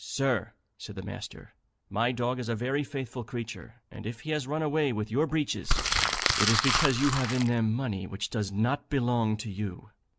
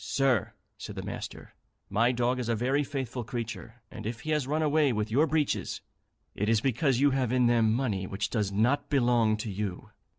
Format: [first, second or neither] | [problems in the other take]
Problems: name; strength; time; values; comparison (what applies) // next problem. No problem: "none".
second | background sound (Crumpling, crinkling); 2 dB above the speech